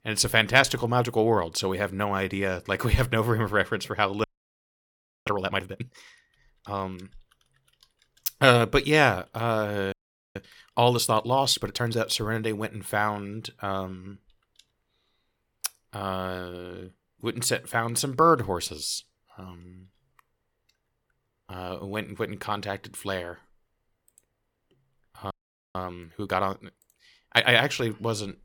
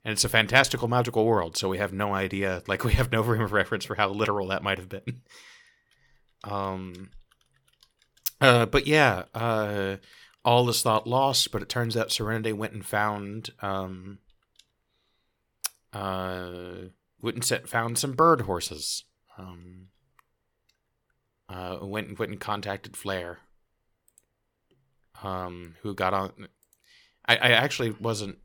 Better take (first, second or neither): second